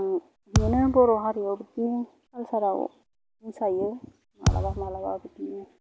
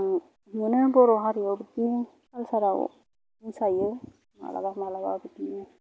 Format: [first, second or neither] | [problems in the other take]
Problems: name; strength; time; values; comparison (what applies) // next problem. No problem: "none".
second | background sound (Thump, thud); 1 dB below the speech